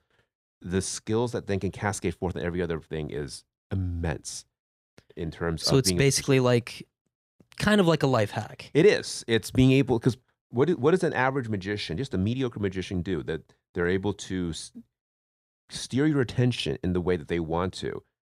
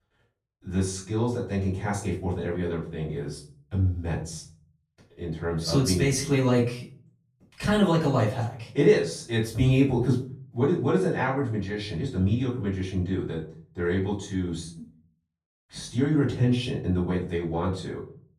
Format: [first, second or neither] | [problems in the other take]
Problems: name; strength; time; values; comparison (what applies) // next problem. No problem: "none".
first | off-mic speech; far // room echo; slight; dies away in 0.4 s